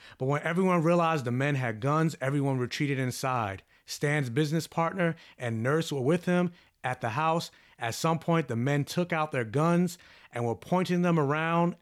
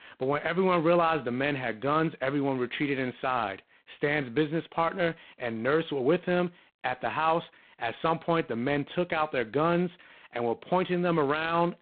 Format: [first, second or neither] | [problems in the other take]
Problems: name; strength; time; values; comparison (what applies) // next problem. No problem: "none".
first | phone-call audio; poor line; nothing above 4 kHz